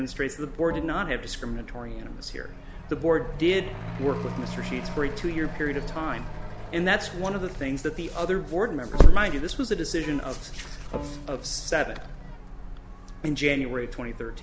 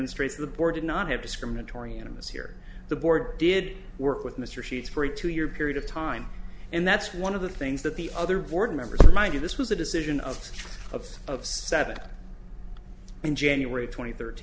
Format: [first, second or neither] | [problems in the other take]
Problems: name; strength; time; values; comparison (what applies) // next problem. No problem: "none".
second | background sound (Accelerating, revving, vroom / Truck + Bowed string instrument); 14 dB below the speech